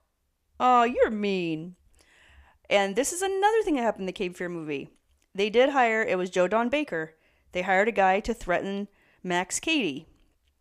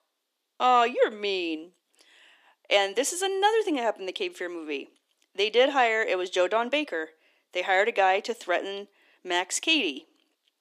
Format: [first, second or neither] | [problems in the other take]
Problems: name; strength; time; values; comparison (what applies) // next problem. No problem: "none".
first | thin; very slightly; fading below 300 Hz